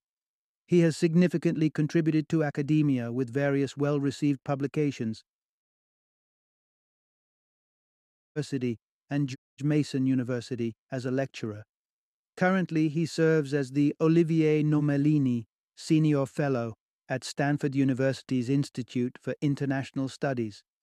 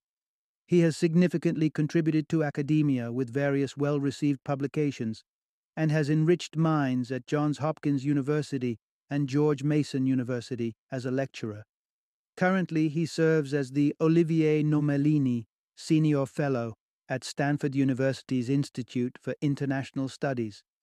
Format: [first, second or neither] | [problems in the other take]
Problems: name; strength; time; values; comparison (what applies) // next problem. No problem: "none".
second | audio cutting out; at 5.5 s for 2.5 s and at 9.5 s